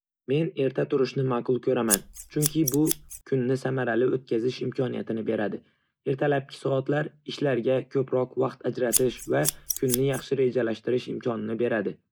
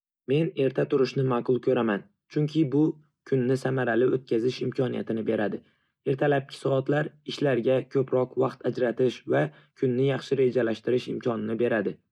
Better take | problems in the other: second | background sound (Scissors); 4 dB below the speech

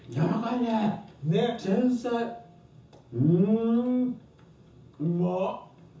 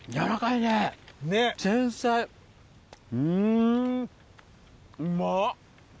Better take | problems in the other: second | room echo; dies away in 0.6 s

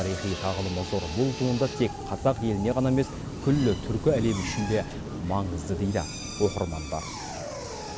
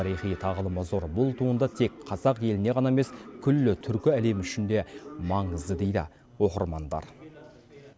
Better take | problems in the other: second | background sound (Waves, surf / Wind + Drill); 8 dB below the speech

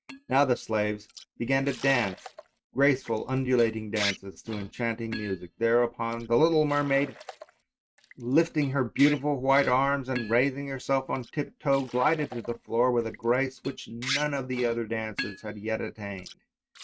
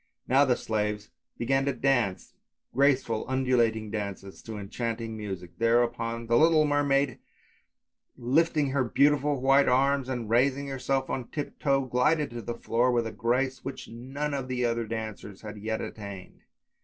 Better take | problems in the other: second | noise reduction (neural mask model RNNoise)

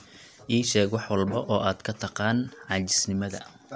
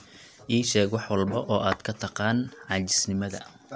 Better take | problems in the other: first | background sound (Tap / Glass); 15 dB below the speech

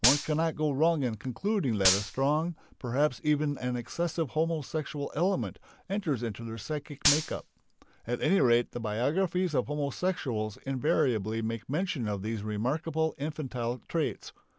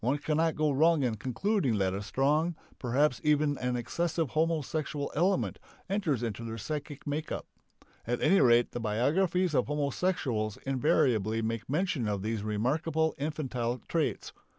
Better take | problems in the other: second | background sound (Gunshot, gunfire); 3 dB below the speech

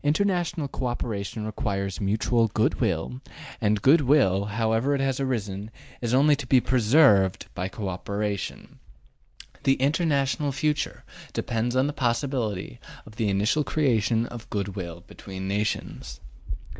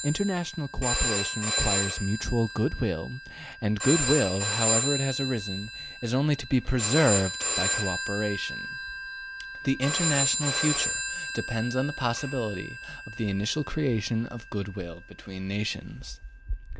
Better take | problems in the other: first | background sound (Telephone); 2 dB below the speech

